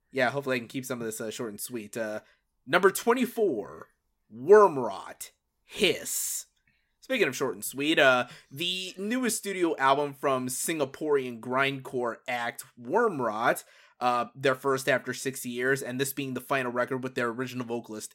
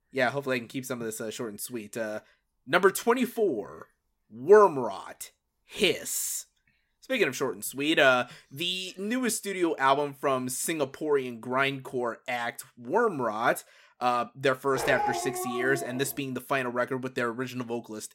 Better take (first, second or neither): first